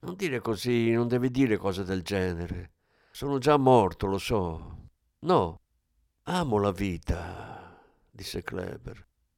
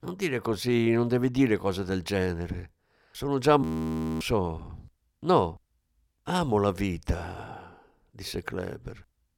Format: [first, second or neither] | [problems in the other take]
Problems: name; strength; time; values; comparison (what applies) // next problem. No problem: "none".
first | audio freezing; at 3.5 s for 0.5 s